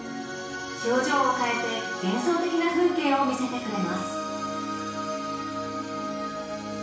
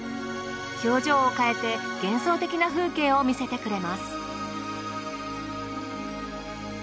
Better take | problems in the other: second | room echo; dies away in 0.6 s

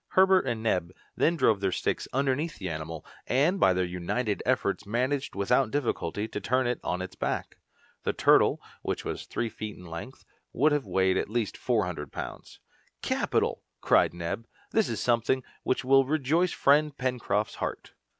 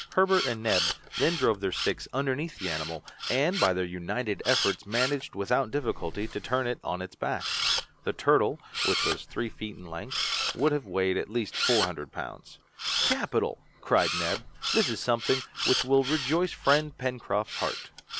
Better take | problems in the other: first | background sound (Camera); 5 dB below the speech

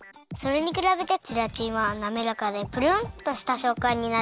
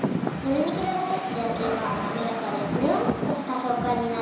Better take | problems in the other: first | background sound (Rain); 3 dB below the speech // room echo; dies away in 1 s

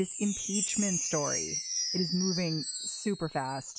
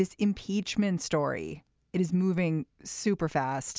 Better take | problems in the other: second | noise reduction (classical method log-MMSE)

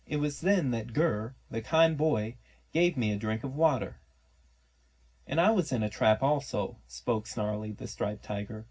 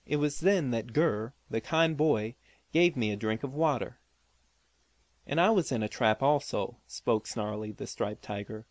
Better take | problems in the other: second | room echo; dies away in 0.4 s

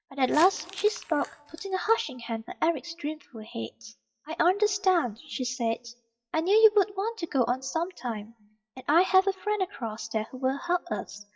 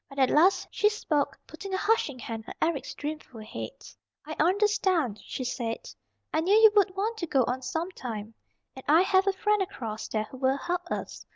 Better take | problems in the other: second | noise reduction (classical method WPE with log-MMSE)

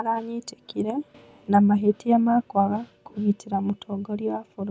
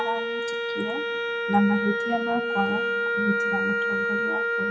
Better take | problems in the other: first | background sound (Wind instrument, woodwind instrument); 2 dB above the speech // room echo; dies away in 1 s

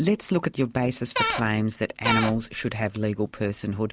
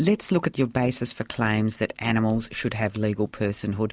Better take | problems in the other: second | background sound (Cupboard open or close / Door); as loud as the speech

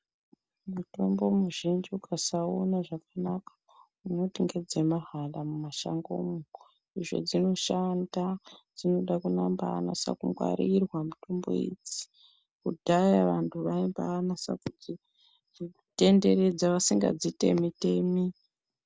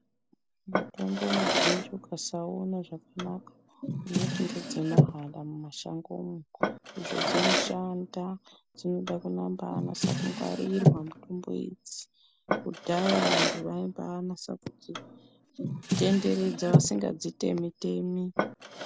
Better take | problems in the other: first | background sound (Drawer open or close); 1 dB above the speech

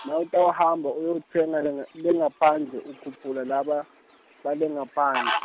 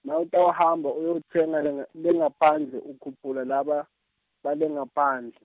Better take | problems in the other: second | background sound (Fowl); 12 dB below the speech

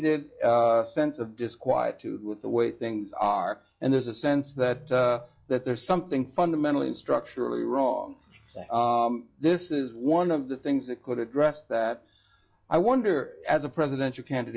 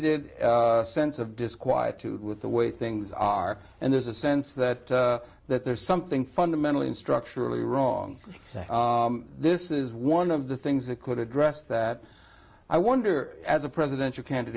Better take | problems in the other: second | noise reduction (classical method log-MMSE)

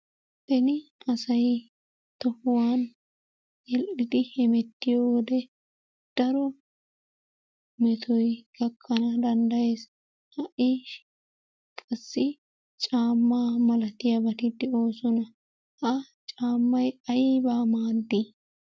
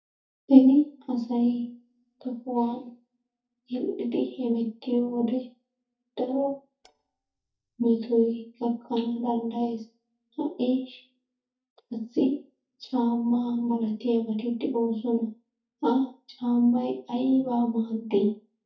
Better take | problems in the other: first | noise reduction (neural mask model DeepFilterNet 3)

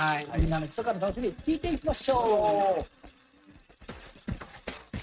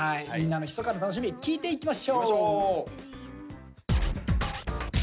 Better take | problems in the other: second | noise reduction (neural mask model RNNoise)

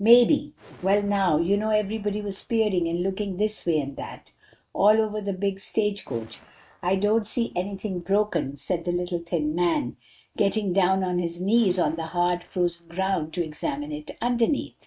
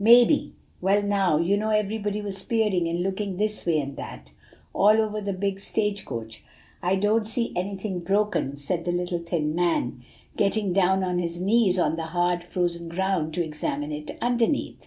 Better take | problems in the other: second | noise reduction (neural mask model RNNoise)

